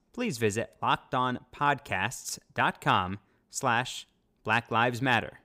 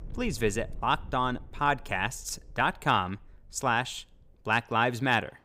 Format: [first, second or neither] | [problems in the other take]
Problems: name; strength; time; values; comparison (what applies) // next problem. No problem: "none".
first | rain or running water; noticeable; throughout; 20 dB below the speech